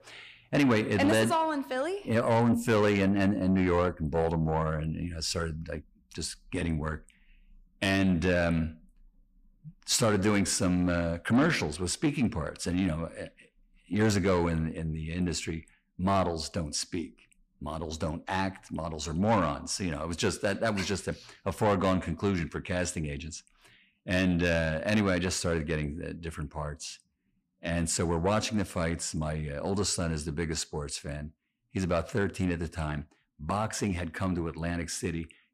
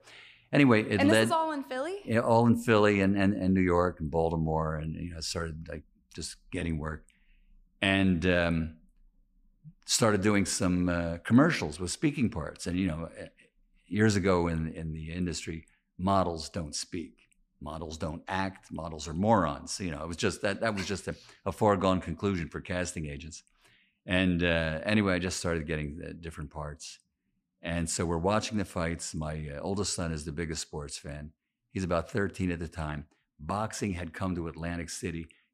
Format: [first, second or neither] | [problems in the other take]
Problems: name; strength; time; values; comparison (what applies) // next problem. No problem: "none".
second | distortion; slight; 10 dB below the speech